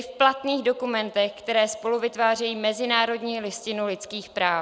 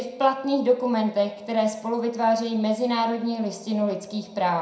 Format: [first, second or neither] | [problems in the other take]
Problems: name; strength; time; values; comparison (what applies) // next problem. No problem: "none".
first | room echo; dies away in 0.4 s